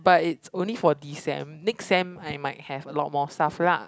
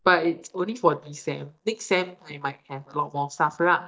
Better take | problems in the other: first | noise reduction (neural mask model DeepFilterNet 3)

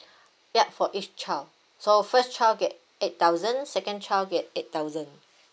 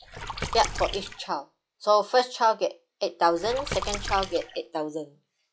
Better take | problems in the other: first | noise reduction (classical method log-MMSE)

